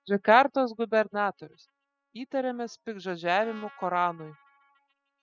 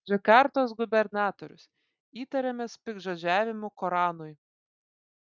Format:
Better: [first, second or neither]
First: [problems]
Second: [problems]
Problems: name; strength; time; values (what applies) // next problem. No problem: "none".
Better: second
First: noise reduction (classical method spectral subtraction)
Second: none